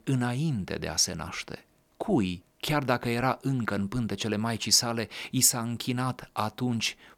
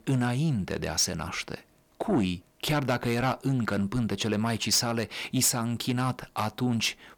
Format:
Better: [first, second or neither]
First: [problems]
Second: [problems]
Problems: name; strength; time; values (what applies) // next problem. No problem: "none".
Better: first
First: none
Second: distortion; slight; 10 dB below the speech